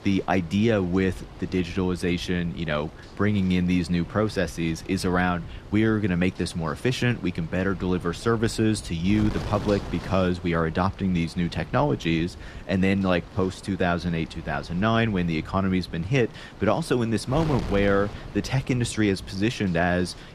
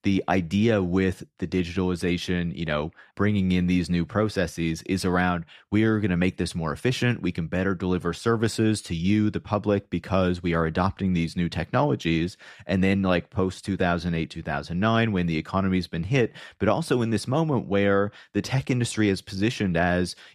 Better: second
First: wind noise on the microphone; occasional gusts; 15 dB below the speech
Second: none

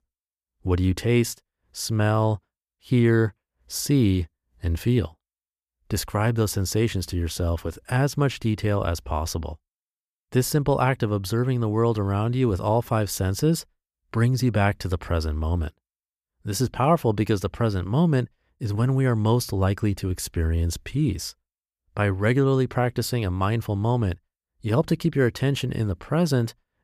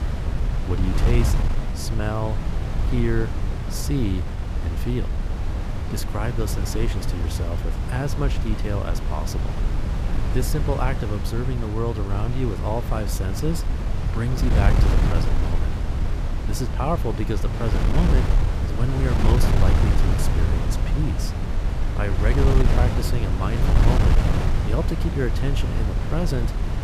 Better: first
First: none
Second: wind noise on the microphone; heavy; 2 dB below the speech

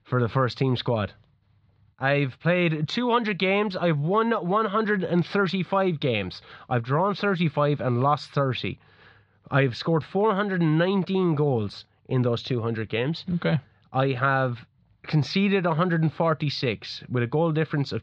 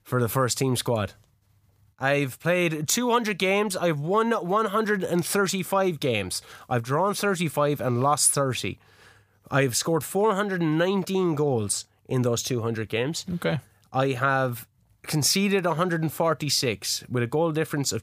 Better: second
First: muffled; slightly; fading above 4 kHz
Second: none

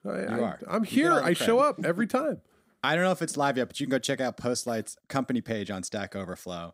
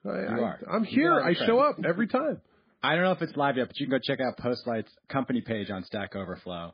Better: first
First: none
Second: garbled, watery; badly

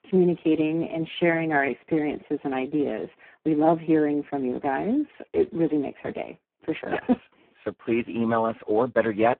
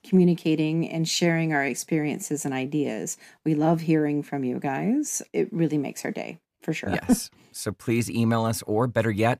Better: second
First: phone-call audio; poor line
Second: none

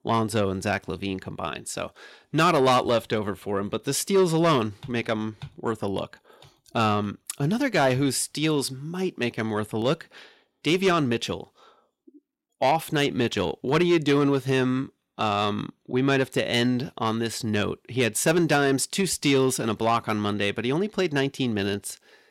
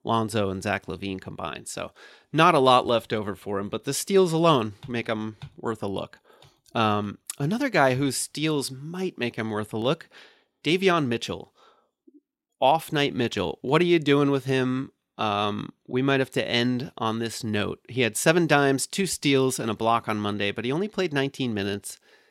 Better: second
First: distortion; slight; 10 dB below the speech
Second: none

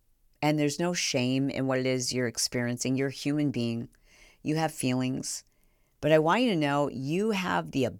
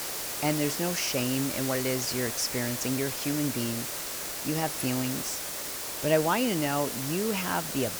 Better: first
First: none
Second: hiss; loud; throughout; 2 dB below the speech

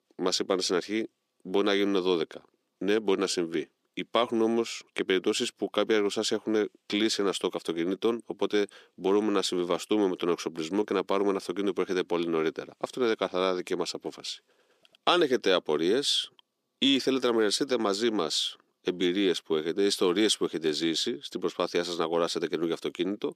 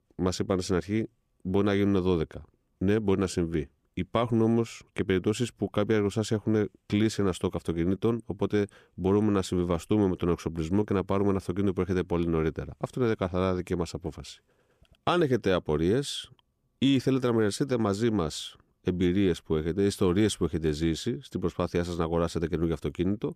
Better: second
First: thin; somewhat; fading below 300 Hz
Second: none

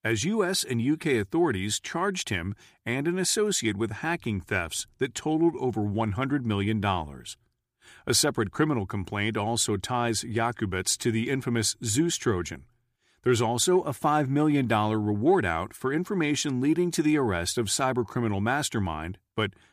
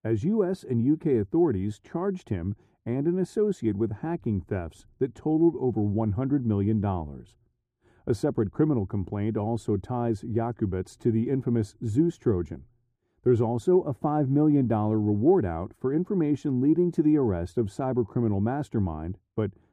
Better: first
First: none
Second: muffled; very; fading above 1 kHz

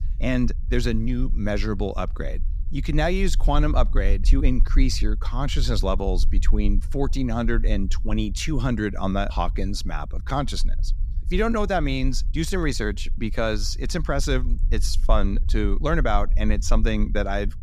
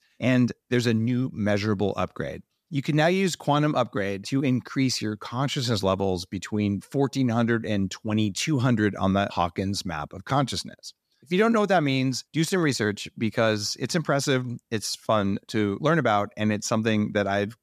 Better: second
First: low rumble; faint; throughout; 20 dB below the speech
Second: none

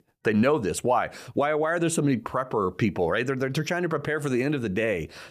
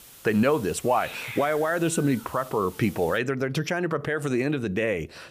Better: first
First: none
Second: hiss; noticeable; until 3 s; 15 dB below the speech

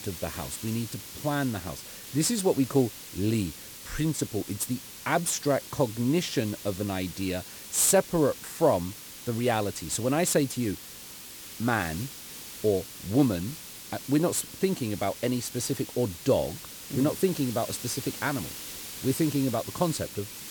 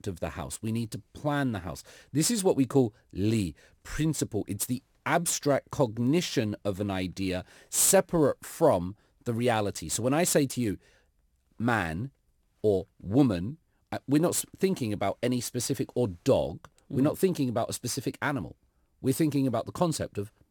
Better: second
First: hiss; noticeable; throughout; 10 dB below the speech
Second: none

